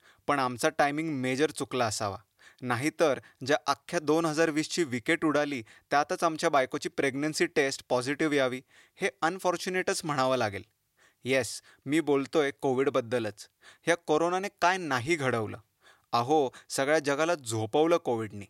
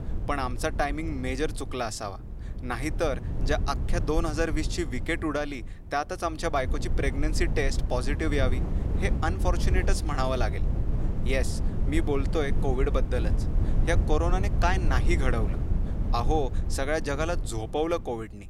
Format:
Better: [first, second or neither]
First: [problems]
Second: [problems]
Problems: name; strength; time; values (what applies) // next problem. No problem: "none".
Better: first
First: none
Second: wind noise on the microphone; occasional gusts; 10 dB below the speech